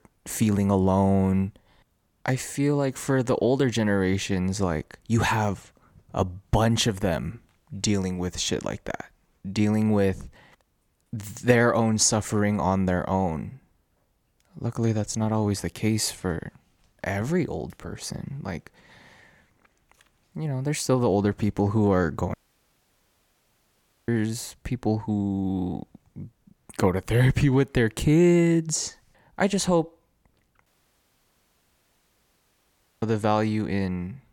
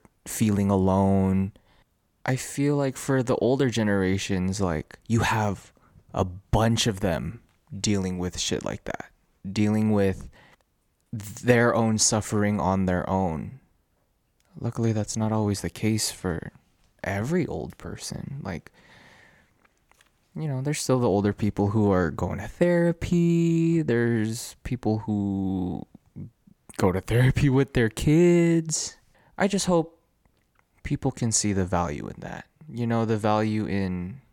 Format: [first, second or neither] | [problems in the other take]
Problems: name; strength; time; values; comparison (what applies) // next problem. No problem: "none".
second | audio cutting out; at 22 s for 1.5 s and at 31 s for 2.5 s